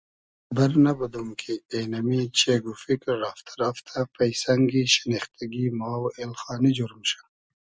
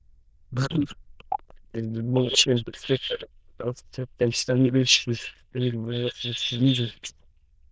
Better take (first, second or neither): first